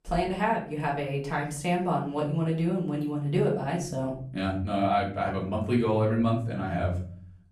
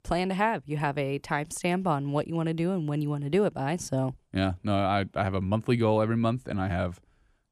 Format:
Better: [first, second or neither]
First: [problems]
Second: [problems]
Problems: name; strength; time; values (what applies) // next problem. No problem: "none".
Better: second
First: off-mic speech; far // room echo; slight; dies away in 0.5 s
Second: none